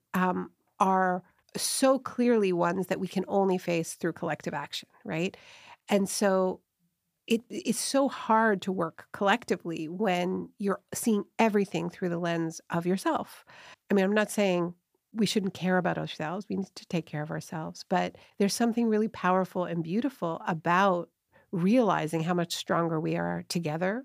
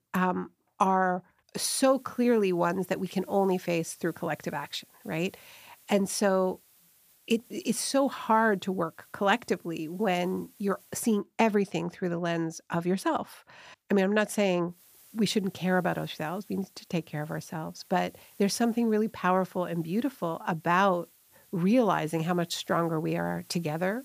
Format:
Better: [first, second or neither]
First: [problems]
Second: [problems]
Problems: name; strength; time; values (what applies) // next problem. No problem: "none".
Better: first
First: none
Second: hiss; faint; from 1.5 to 11 s and from 15 s on; 25 dB below the speech